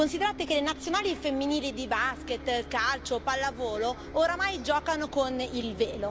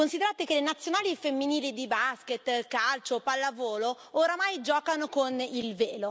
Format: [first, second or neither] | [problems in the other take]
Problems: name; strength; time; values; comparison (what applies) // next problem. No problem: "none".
second | background sound (Bus); 13 dB below the speech